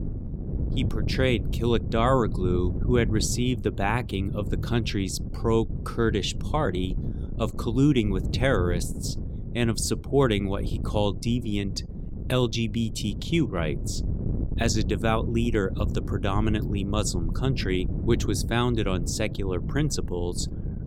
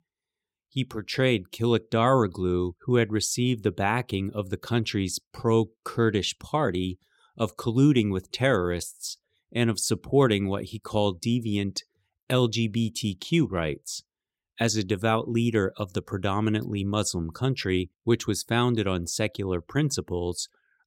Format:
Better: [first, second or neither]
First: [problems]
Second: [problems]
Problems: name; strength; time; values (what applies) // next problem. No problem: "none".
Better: second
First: wind noise on the microphone; occasional gusts; 15 dB below the speech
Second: none